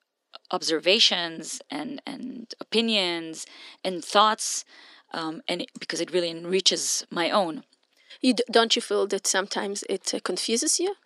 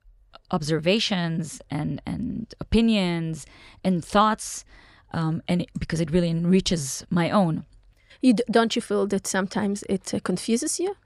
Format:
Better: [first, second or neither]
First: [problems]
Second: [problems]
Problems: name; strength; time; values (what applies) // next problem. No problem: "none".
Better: second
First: thin; somewhat; fading below 250 Hz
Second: none